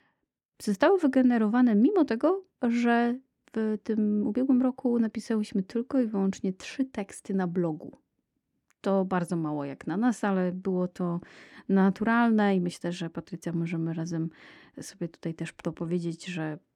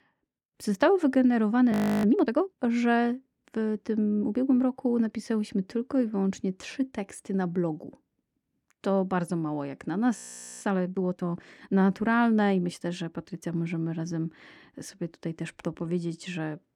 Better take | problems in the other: first | audio freezing; at 1.5 s and at 10 s

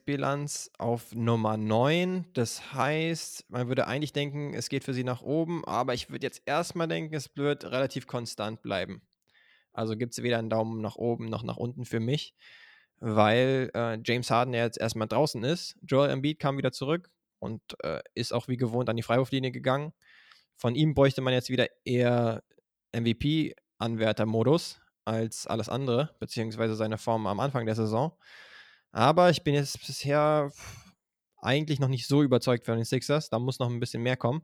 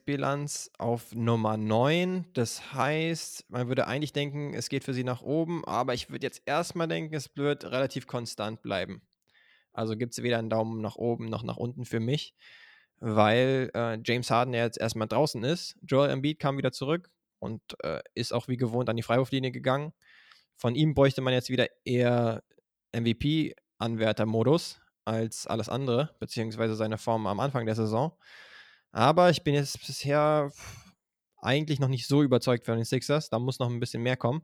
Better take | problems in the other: neither | none

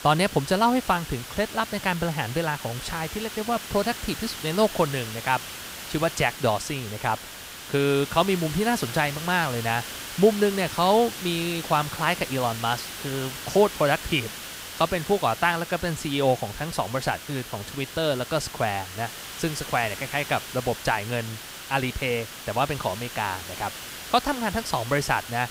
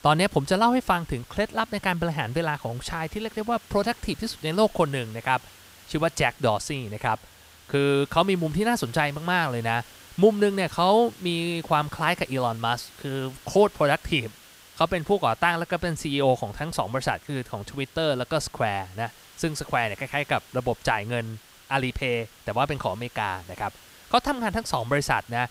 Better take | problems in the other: second | hiss; loud; throughout; 10 dB below the speech; faint in the second

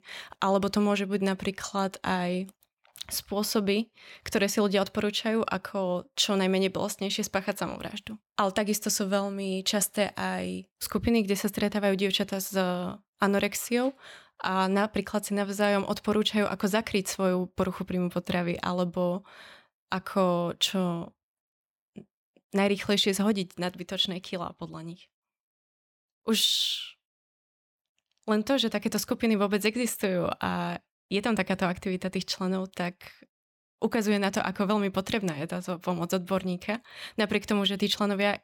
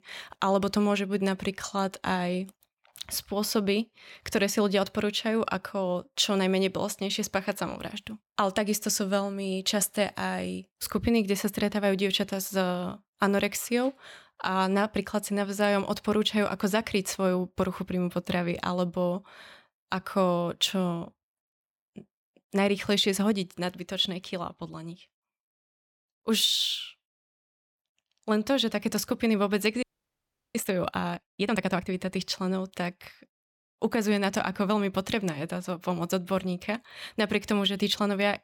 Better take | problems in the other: first | audio freezing; at 30 s for 0.5 s

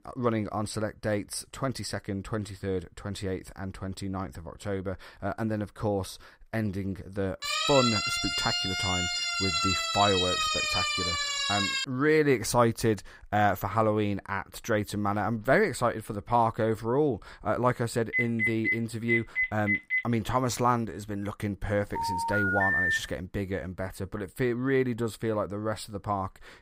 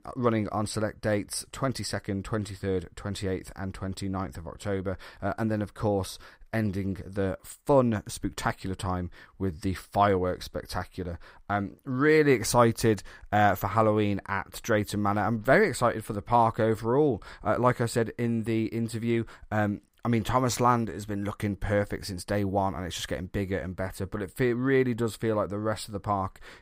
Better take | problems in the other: second | siren; loud; from 7.5 to 12 s; peak 4 dB above the speech // phone ringing; loud; from 18 to 20 s and from 22 to 23 s; peak 6 dB above the speech

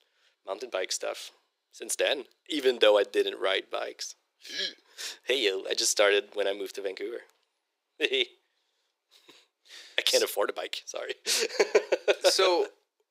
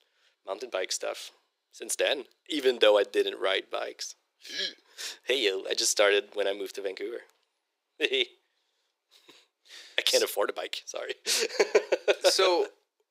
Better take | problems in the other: neither | thin; very; fading below 350 Hz; the same in both

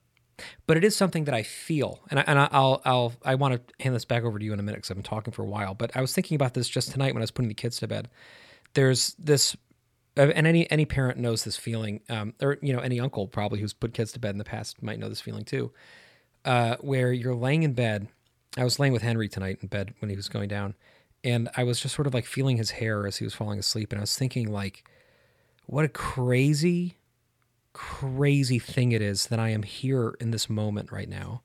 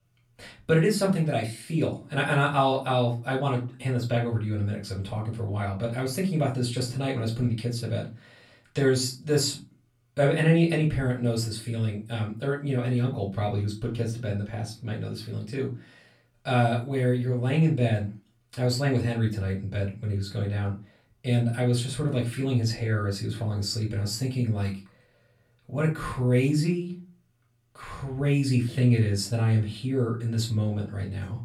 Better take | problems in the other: first | off-mic speech; far // room echo; slight; dies away in 0.3 s

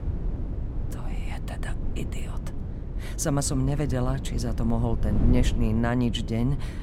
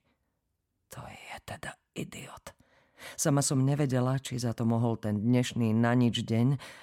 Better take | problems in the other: second | wind noise on the microphone; occasional gusts; 10 dB below the speech

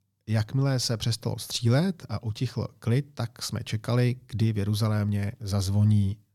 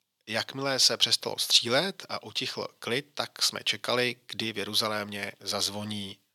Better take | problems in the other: first | thin; very; fading below 450 Hz

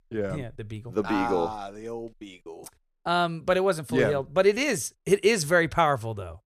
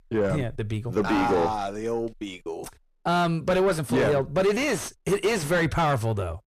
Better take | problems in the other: first | distortion; heavy; 5 dB below the speech

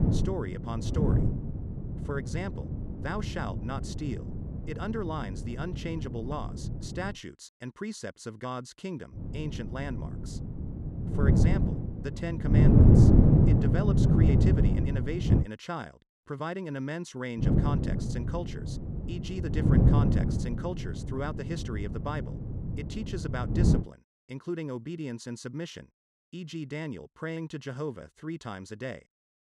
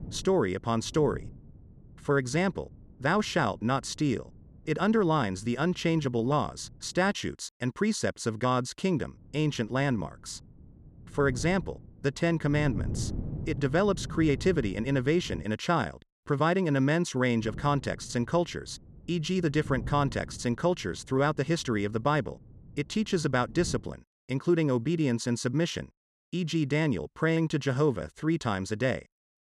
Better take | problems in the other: second | wind noise on the microphone; heavy; until 7 s, from 9 to 15 s and from 17 to 24 s; 2 dB above the speech; occasional gusts in the second

